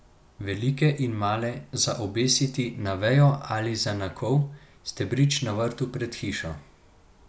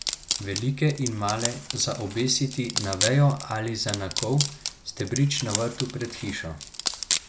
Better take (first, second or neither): first